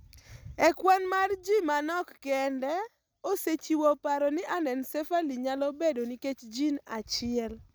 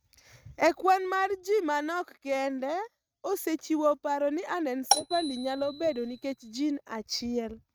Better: first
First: none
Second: noise reduction (neural mask model RNNoise)

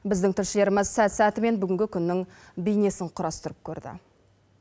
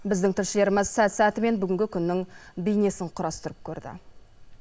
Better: first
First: none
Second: noise reduction (neural mask model Resemble Enhance denoiser)

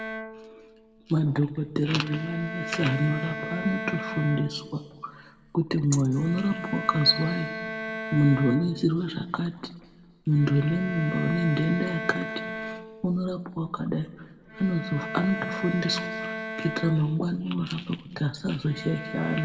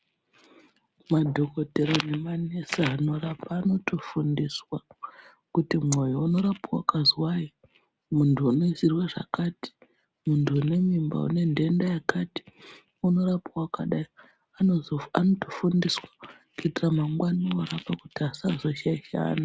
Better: second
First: background sound (Bowed string instrument); 10 dB below the speech // room echo; dies away in 1 s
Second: none

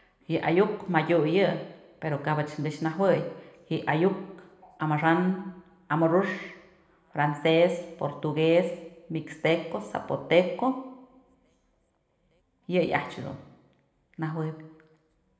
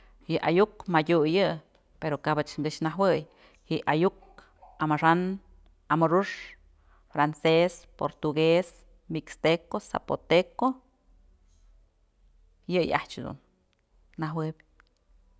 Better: second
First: room echo; dies away in 0.9 s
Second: none

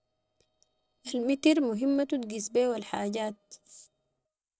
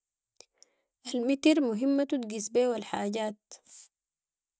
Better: second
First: noise reduction (neural separator model SepFormer DNS4)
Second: none

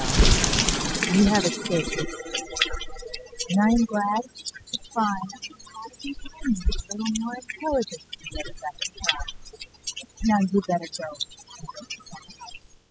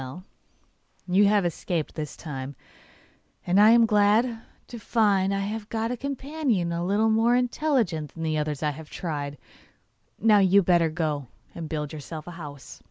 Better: second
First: noise reduction (classical method spectral subtraction)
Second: none

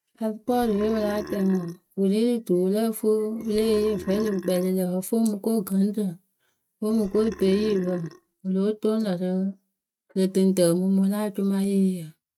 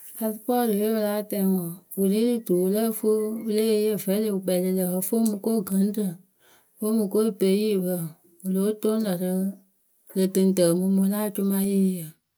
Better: second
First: noise reduction (neural mask model RNNoise)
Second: none

